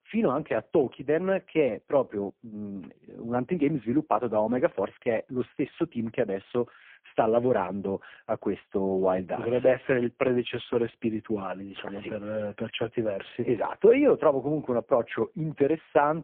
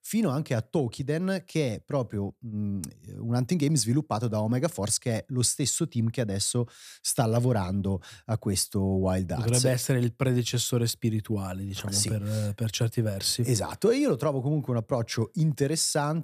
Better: second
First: phone-call audio; poor line; nothing above 3.5 kHz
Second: none

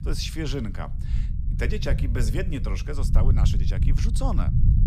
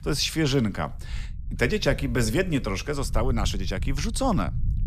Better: second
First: low rumble; loud; throughout; 7 dB below the speech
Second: low rumble; faint; throughout; 25 dB below the speech

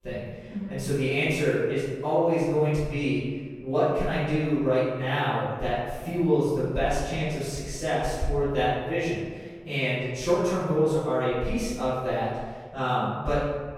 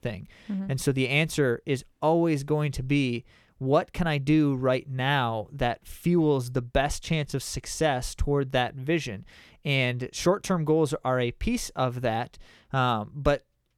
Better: second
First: off-mic speech; far // room echo; strong; dies away in 1.3 s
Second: none

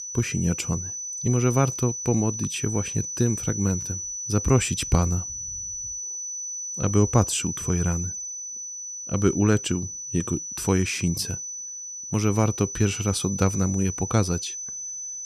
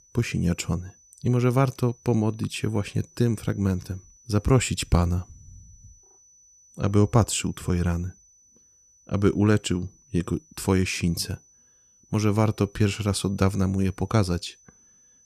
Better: second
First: high-pitched whine; loud; throughout; 6 kHz, 6 dB below the speech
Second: high-pitched whine; faint; throughout; 6 kHz, 30 dB below the speech

